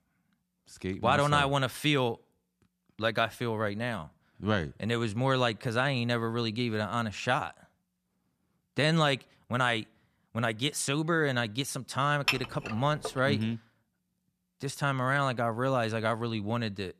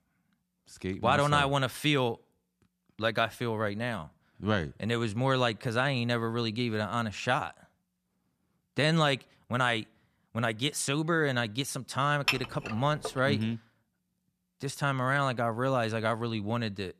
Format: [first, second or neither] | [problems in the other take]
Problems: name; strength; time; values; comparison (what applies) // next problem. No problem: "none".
neither | clattering dishes; noticeable; at 12 s; peak level with the speech; the same in both